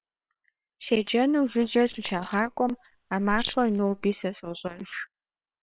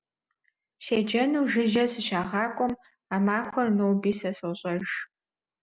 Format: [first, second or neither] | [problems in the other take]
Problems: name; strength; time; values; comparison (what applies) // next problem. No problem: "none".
second | noise reduction (neural separator model SepFormer WHAM!)